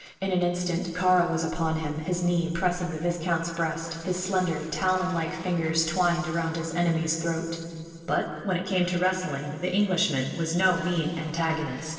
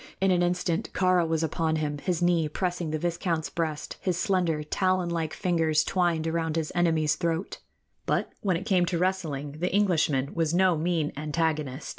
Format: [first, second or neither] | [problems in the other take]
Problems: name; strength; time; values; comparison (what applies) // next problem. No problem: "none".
second | noise reduction (neural separator model SepFormer DNS4)